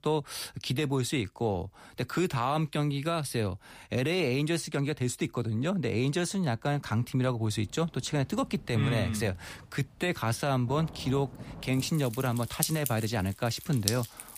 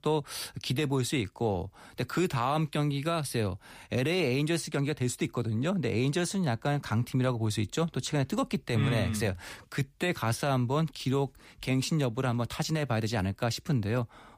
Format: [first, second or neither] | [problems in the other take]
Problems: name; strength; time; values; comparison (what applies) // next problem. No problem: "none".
second | rain or running water; loud; from 7.5 s on; 7 dB below the speech